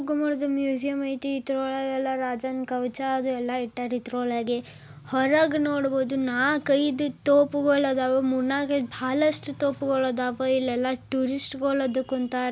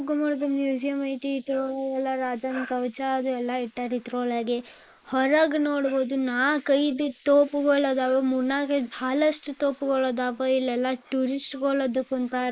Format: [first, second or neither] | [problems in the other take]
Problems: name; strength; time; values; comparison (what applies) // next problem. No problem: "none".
first | noise reduction (neural mask model Resemble Enhance denoiser)